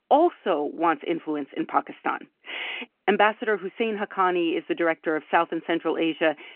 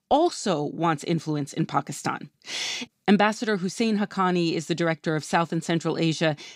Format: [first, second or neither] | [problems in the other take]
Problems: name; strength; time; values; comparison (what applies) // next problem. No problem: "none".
second | phone-call audio